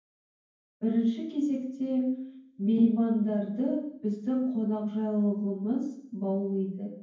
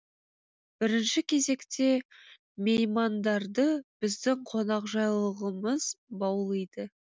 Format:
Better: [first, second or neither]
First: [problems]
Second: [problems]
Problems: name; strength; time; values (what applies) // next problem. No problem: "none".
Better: second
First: room echo; dies away in 0.9 s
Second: none